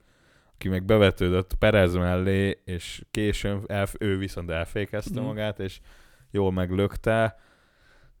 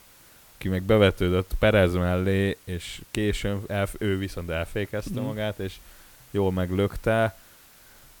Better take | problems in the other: first | hiss; faint; throughout; 25 dB below the speech

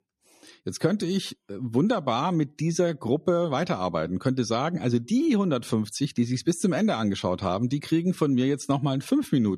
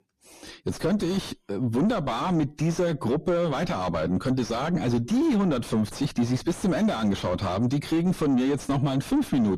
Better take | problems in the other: first | distortion; heavy; 4 dB below the speech

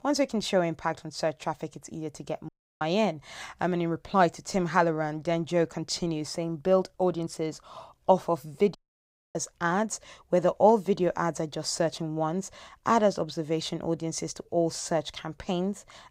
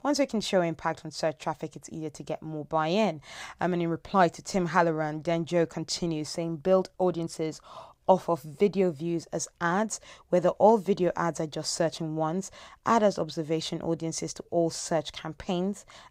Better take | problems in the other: second | audio cutting out; at 2.5 s and at 9 s for 0.5 s

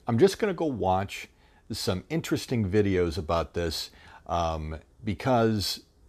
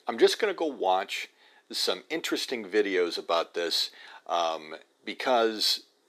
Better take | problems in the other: first | thin; somewhat; fading below 300 Hz

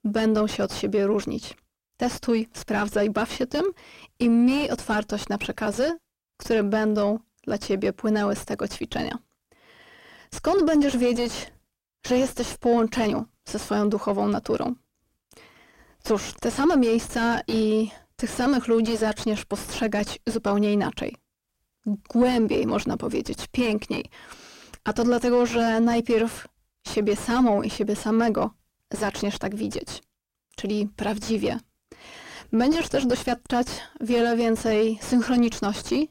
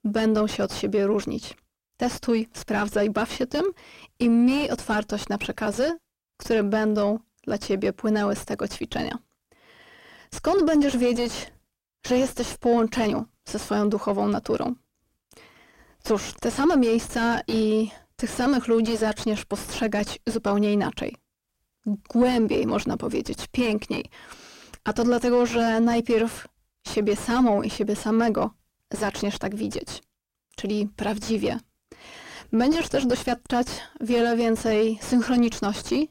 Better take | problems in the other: neither | distortion; heavy; 7 dB below the speech; the same in both

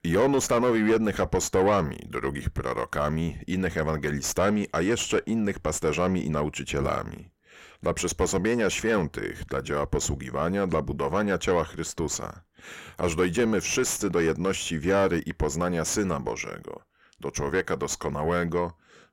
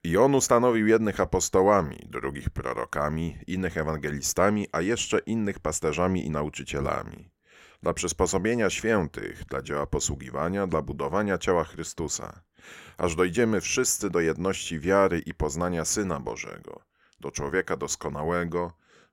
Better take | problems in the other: second | distortion; slight; 10 dB below the speech

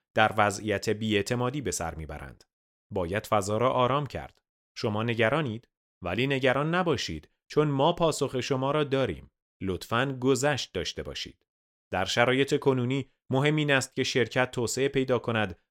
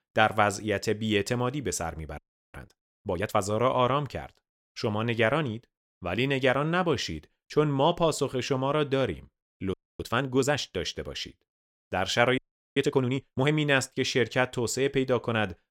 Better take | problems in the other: first | audio freezing; at 2 s, at 9.5 s and at 12 s

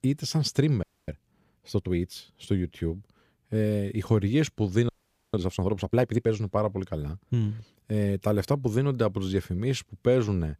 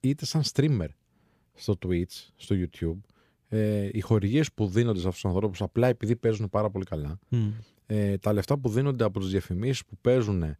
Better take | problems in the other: second | audio freezing; at 1 s and at 5 s

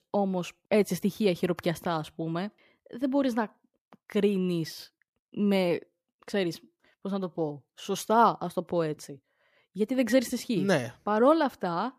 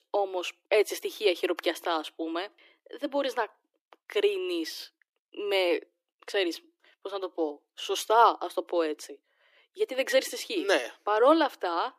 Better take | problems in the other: first | thin; very; fading below 300 Hz

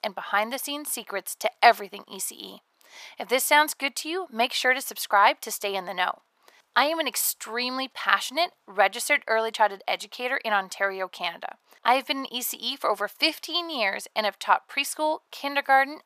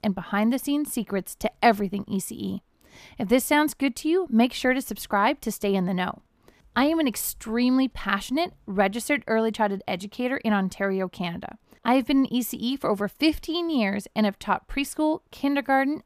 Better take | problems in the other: second | thin; very; fading below 800 Hz

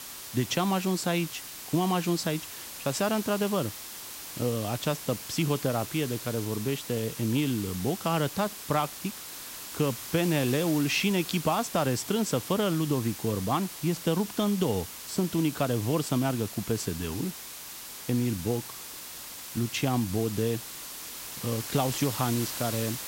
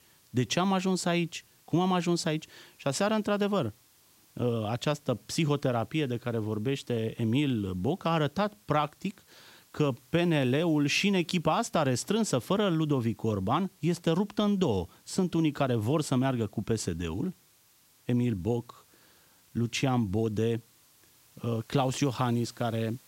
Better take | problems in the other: second | hiss; loud; throughout; 8 dB below the speech; faint in the second

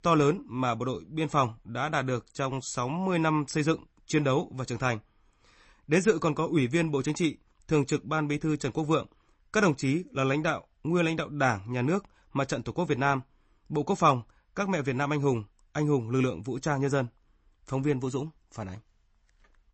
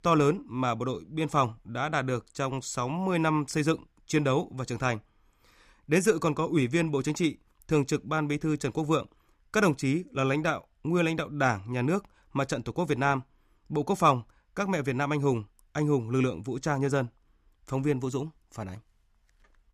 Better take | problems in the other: second | garbled, watery; slightly; nothing above 8 kHz

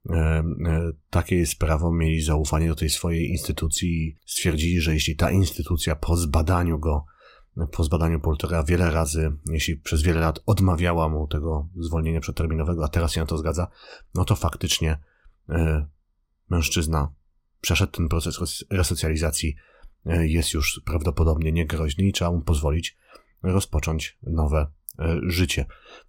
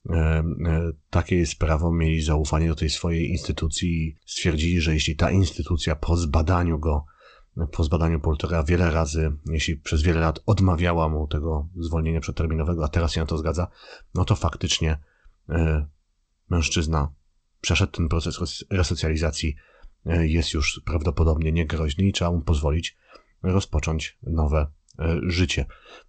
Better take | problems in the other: first | garbled, watery; slightly; nothing above 8 kHz

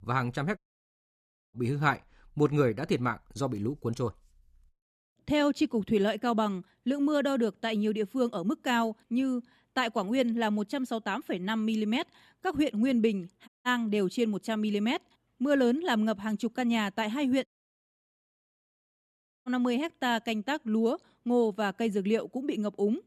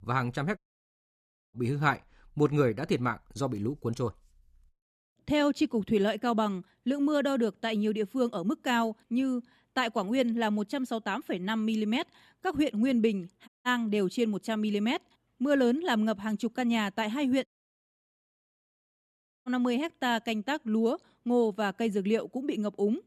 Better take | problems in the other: neither | audio cutting out; at 0.5 s for 1 s, at 13 s and at 17 s for 2 s; the same in both

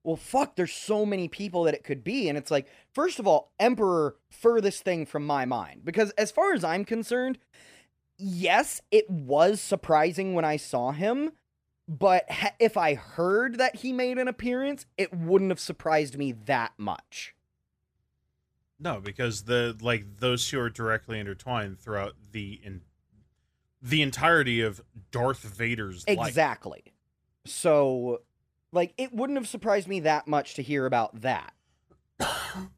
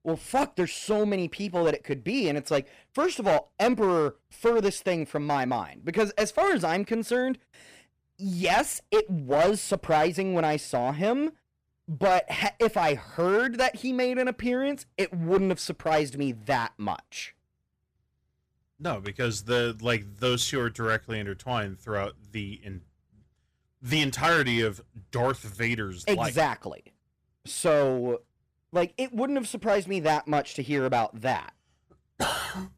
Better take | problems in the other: first | distortion; slight; 5% of the sound clipped

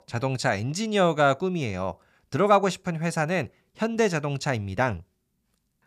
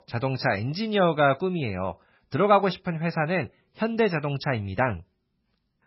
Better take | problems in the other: first | garbled, watery; badly; nothing above 5.5 kHz

